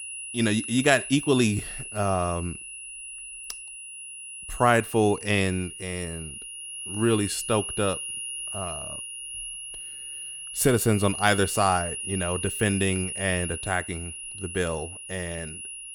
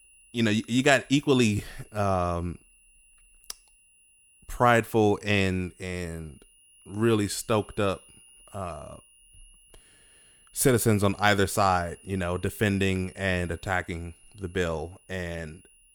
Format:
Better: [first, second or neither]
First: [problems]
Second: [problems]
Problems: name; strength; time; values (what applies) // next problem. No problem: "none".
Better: second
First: high-pitched whine; loud; throughout; 10.5 kHz, 8 dB below the speech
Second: high-pitched whine; faint; throughout; 10.5 kHz, 30 dB below the speech